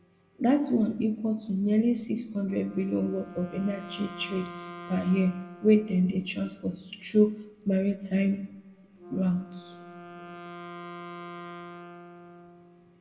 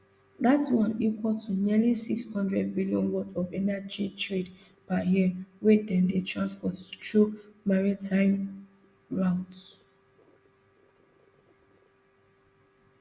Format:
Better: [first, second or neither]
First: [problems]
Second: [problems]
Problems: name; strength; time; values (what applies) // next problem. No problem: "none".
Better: second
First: background sound (Wind instrument, woodwind instrument); 17 dB below the speech // room echo; dies away in 0.9 s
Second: none